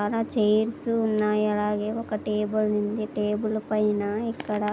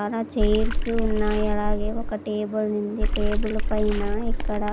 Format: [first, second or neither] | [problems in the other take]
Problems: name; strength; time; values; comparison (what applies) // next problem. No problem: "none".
first | background sound (Water / Splash, splatter); 4 dB above the speech